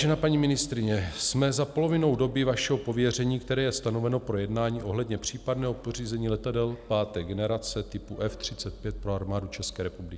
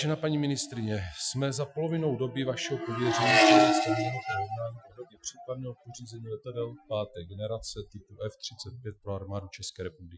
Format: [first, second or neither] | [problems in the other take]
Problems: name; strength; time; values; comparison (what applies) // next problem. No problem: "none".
first | noise reduction (classical method Wiener filter)